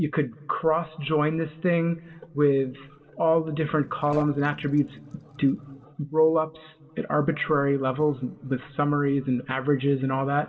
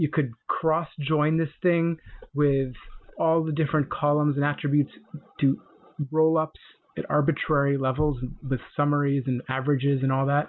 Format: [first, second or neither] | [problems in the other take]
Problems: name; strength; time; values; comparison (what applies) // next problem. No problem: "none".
second | noise reduction (neural separator model SepFormer DNS4)